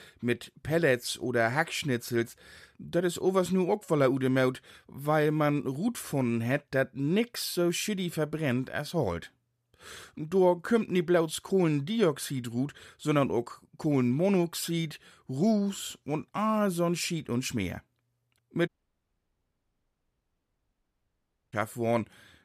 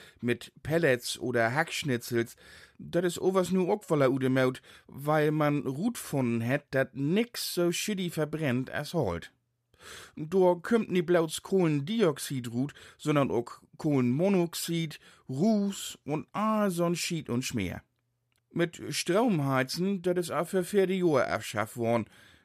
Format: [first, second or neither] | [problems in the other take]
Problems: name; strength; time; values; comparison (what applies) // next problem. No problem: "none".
second | audio cutting out; at 19 s for 3 s